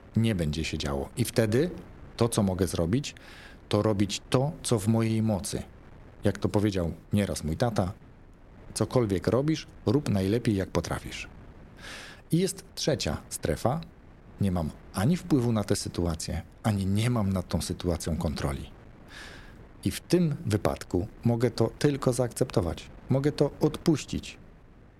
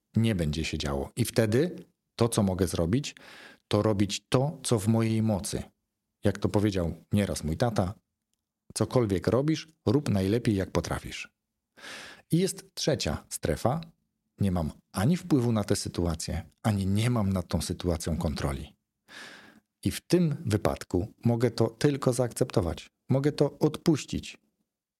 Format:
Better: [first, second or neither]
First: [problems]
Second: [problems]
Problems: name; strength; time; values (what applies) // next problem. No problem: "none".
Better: second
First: wind noise on the microphone; occasional gusts; 25 dB below the speech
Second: none